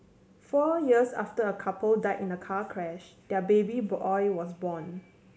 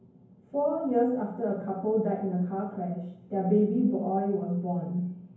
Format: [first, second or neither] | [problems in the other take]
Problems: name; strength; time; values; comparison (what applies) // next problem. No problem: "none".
first | room echo; dies away in 0.9 s